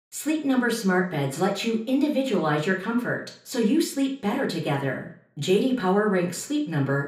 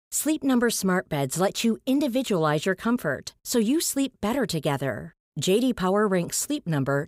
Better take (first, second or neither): second